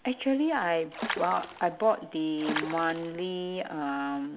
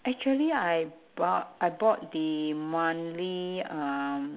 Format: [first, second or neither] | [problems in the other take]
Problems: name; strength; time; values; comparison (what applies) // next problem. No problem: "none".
second | background sound (Water / Splash, splatter); 8 dB below the speech